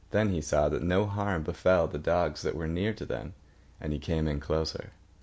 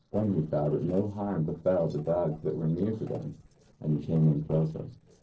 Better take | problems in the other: first | noise reduction (neural separator model SepFormer DNS4)

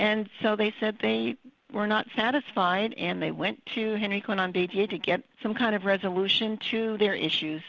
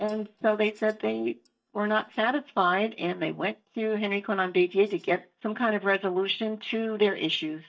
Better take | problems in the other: first | noise reduction (neural mask model DeepFilterNet 3)

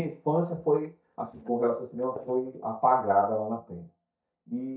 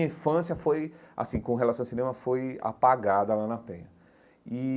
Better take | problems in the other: second | noise reduction (neural mask model DeepFilterNet 3)

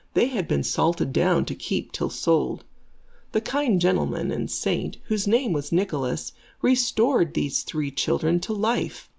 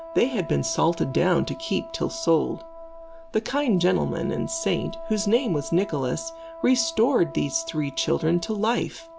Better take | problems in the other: first | background sound (Wind instrument, woodwind instrument); 15 dB below the speech

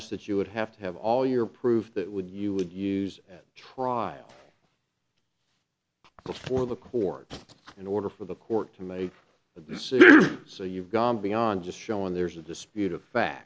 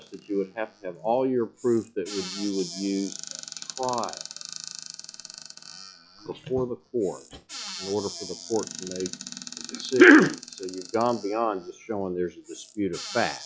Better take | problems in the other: first | noise reduction (classical method log-MMSE)

